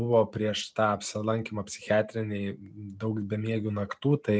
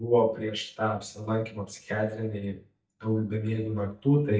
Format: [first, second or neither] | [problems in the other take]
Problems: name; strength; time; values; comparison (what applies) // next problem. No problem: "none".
first | noise reduction (neural mask model DeepFilterNet 3)